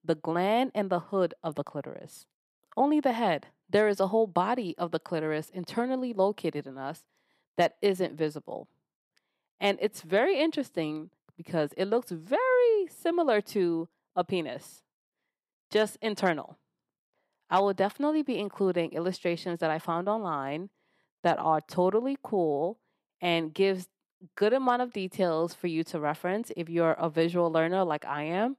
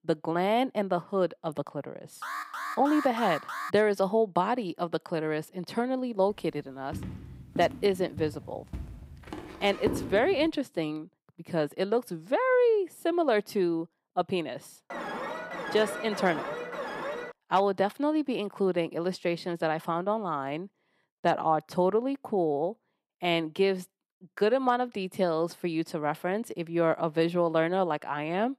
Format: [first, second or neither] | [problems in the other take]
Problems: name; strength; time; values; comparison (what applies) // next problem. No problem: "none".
first | alarm; noticeable; from 2 to 3.5 s and from 15 to 17 s; peak 6 dB below the speech // footsteps; noticeable; from 7 to 10 s; peak 4 dB below the speech